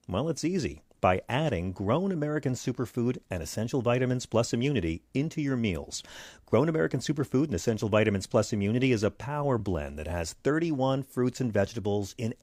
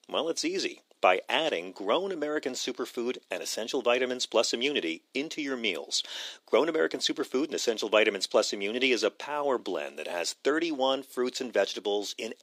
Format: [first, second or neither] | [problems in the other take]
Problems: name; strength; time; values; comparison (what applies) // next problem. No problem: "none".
first | thin; somewhat; fading below 300 Hz